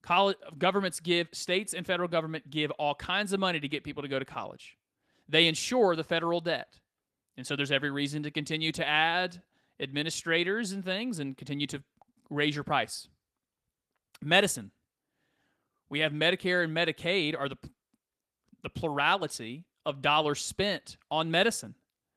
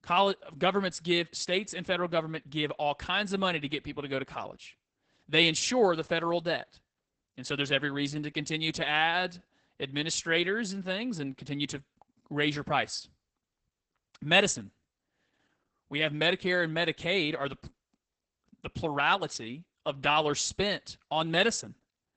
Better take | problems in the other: first | garbled, watery; badly; nothing above 8 kHz; slightly in the first

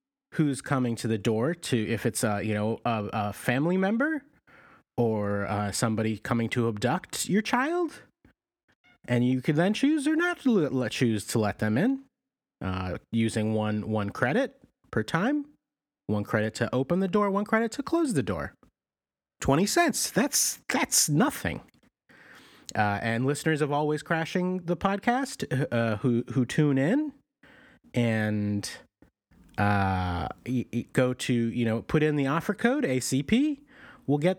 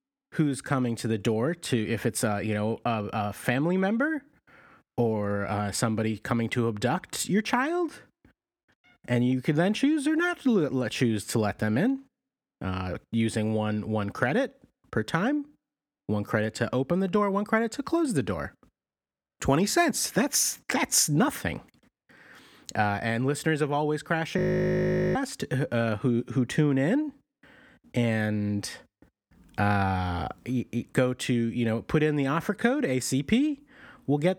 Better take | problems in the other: first | audio freezing; at 24 s for 1 s

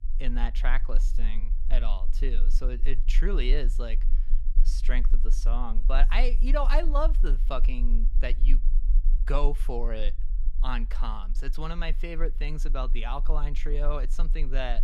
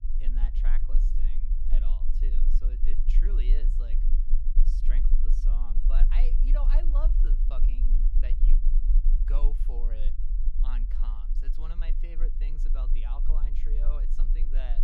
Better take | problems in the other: first | low rumble; loud; throughout; 6 dB below the speech; faint in the first

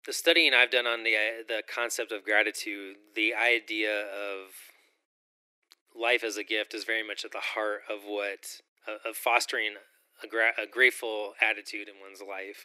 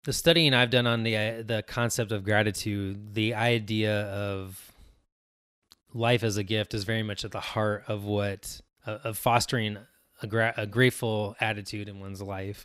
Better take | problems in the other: second | thin; very; fading below 300 Hz

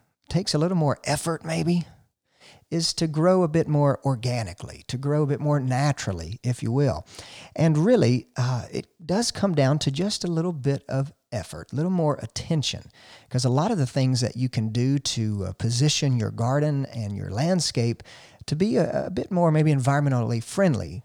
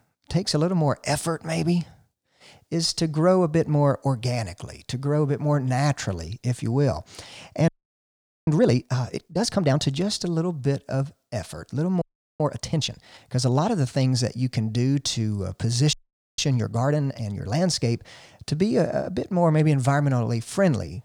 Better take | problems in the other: first | audio freezing; at 7.5 s for 1 s, at 12 s and at 16 s

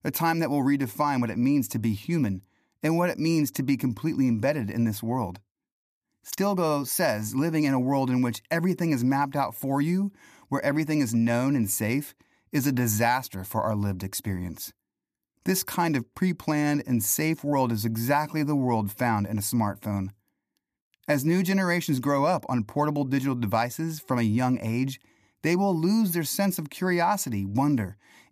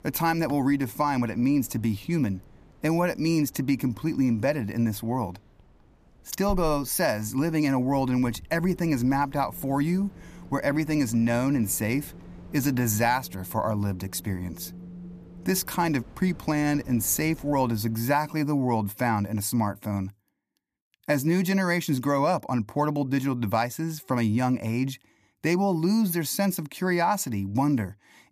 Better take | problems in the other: first | wind in the background; faint; until 18 s; 20 dB below the speech

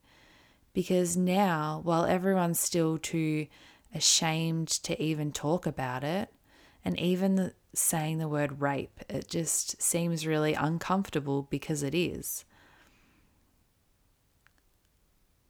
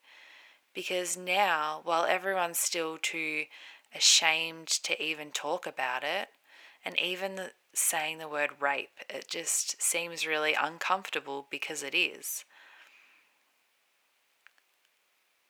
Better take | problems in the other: first | thin; very; fading below 650 Hz

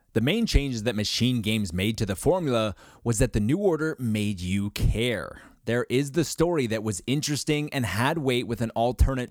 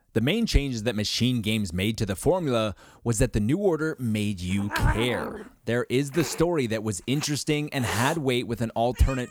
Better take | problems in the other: first | hiss; loud; from 3 s on; 9 dB below the speech

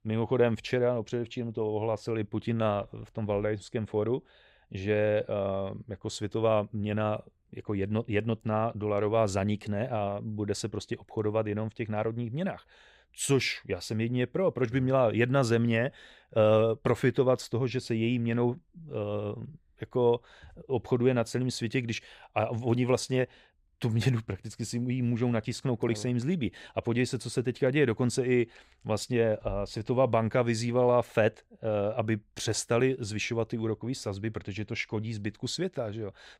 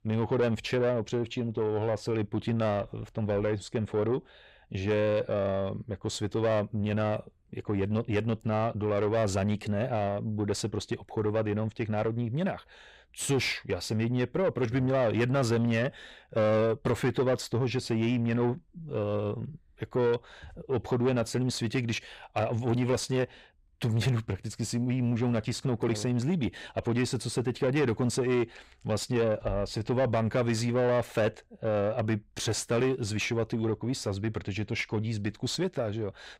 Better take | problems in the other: first | distortion; slight; 10 dB below the speech

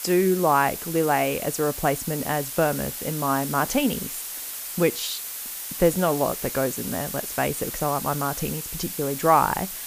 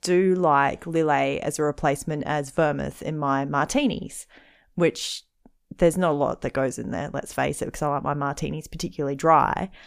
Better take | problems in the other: second | hiss; loud; throughout; 6 dB below the speech

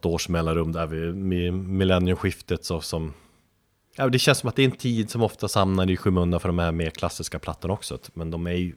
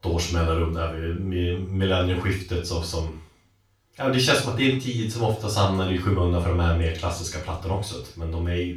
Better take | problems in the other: first | room echo; noticeable; dies away in 0.3 s // off-mic speech; far

